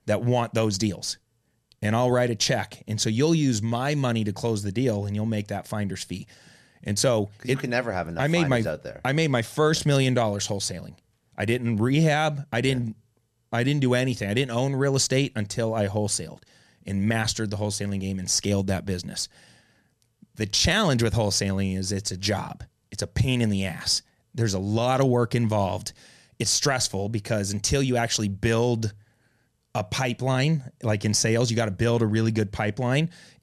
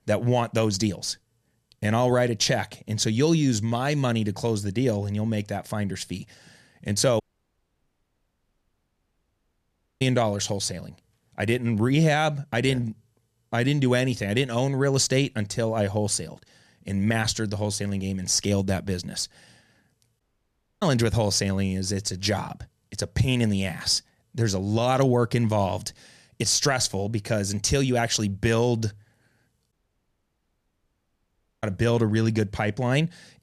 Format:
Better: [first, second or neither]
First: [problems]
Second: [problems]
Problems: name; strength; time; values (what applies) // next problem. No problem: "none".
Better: first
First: none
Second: audio cutting out; at 7 s for 3 s, at 20 s for 0.5 s and at 30 s for 2 s